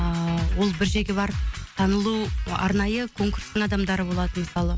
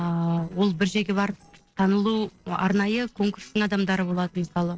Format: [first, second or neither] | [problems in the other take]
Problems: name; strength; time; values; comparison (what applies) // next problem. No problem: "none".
first | noise reduction (neural separator model SepFormer DNS4)